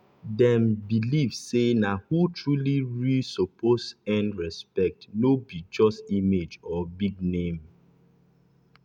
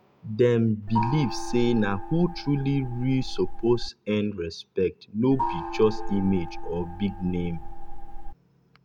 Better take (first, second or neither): first